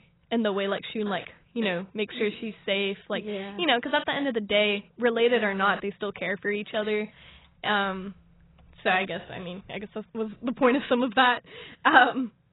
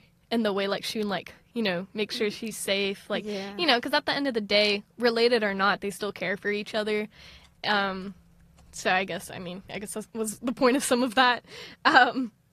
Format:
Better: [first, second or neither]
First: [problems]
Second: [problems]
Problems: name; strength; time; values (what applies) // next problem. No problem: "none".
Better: second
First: garbled, watery; badly; nothing above 4 kHz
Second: garbled, watery; slightly; nothing above 14.5 kHz